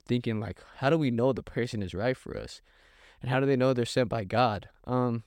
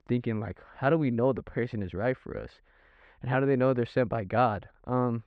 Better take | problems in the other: first | muffled; very; fading above 2 kHz

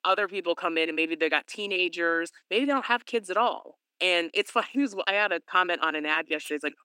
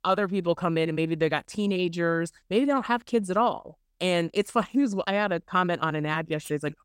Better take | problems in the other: second | thin; very slightly; fading below 250 Hz

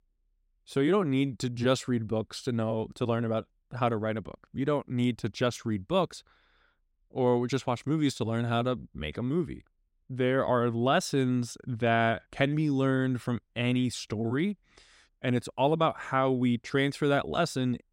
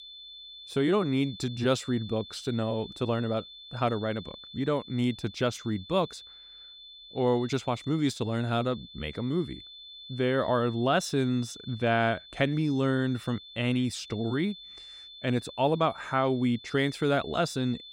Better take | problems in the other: first | high-pitched whine; noticeable; throughout; 3.5 kHz, 15 dB below the speech

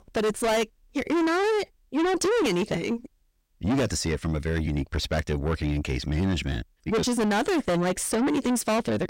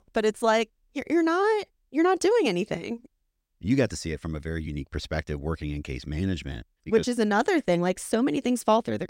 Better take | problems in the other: second | distortion; heavy; 5 dB below the speech

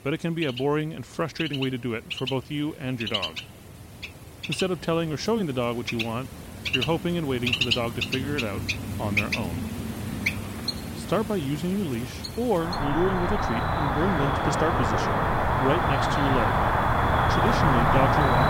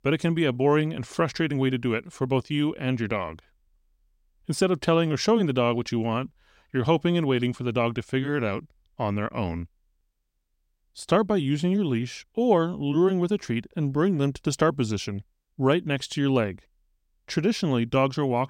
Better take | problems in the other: second | animal sounds; very loud; throughout; 2 dB above the speech

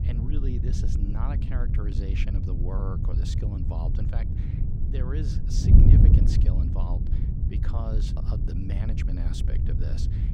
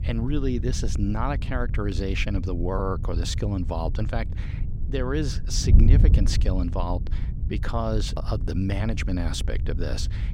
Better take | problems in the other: second | wind noise on the microphone; heavy; 2 dB above the speech; occasional gusts in the second

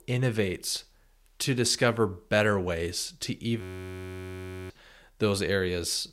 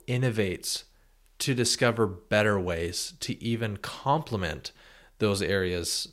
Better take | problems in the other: second | audio freezing; at 3.5 s for 1 s

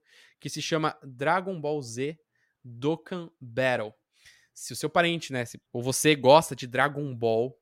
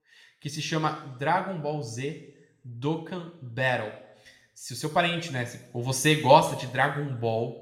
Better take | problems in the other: first | room echo; slight; dies away in 0.7 s

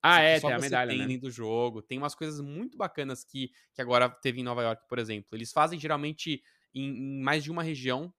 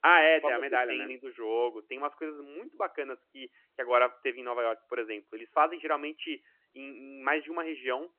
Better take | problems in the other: first | phone-call audio; nothing above 3 kHz

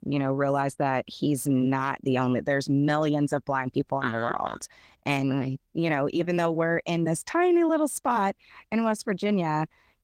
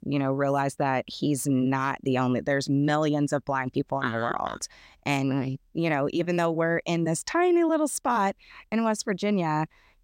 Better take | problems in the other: second | garbled, watery; slightly; nothing above 16 kHz

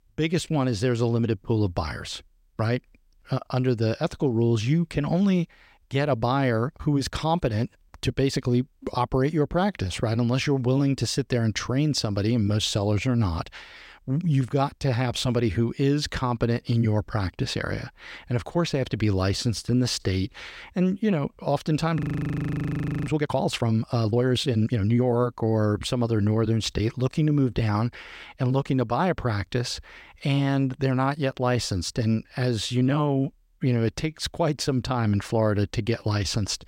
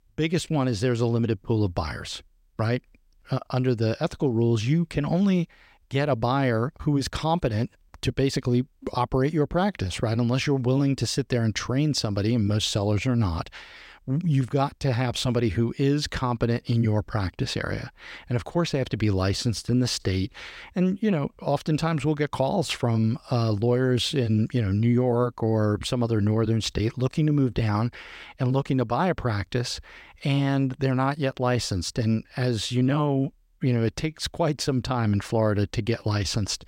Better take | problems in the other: second | audio freezing; at 22 s for 1 s

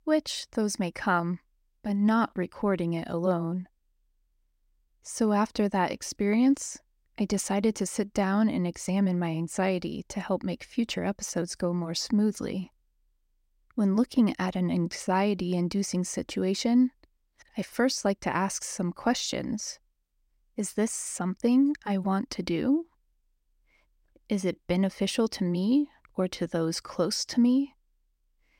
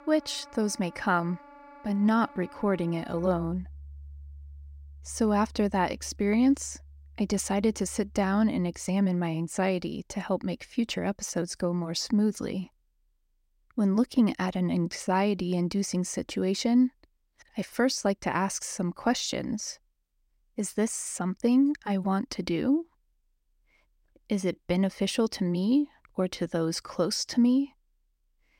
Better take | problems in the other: first | background music; faint; until 8.5 s; 20 dB below the speech

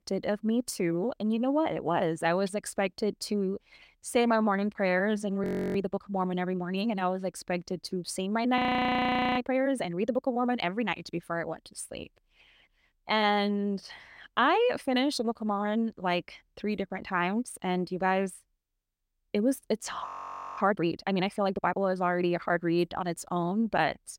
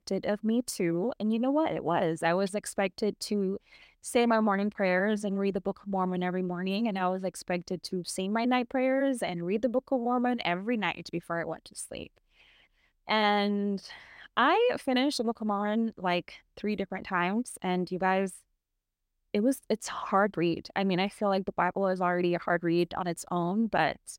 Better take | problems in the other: second | audio freezing; at 5.5 s, at 8.5 s for 1 s and at 20 s for 0.5 s

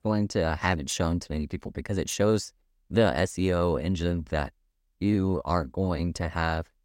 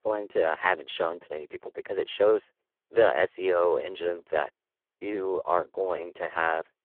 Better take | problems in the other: first | phone-call audio; poor line; nothing above 3.5 kHz

